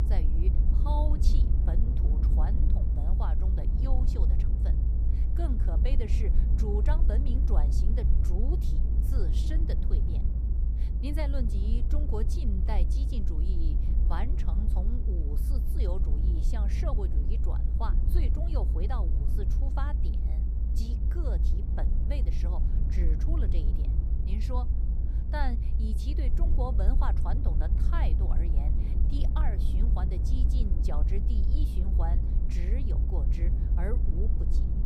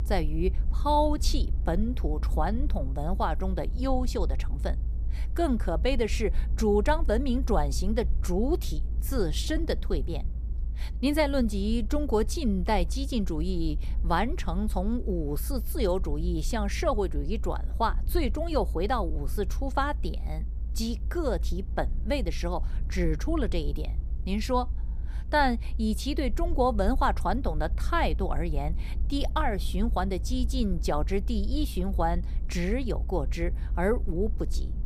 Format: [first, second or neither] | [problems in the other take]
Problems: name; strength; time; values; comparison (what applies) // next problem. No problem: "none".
second | low rumble; loud; throughout; 4 dB below the speech; faint in the second